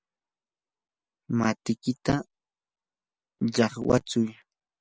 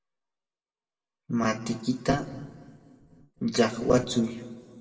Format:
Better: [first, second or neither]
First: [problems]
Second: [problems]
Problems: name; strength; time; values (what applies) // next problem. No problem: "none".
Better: first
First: none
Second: room echo; dies away in 1.9 s